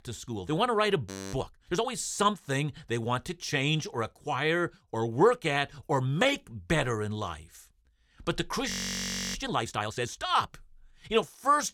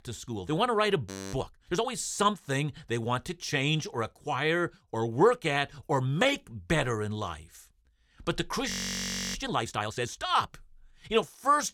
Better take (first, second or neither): neither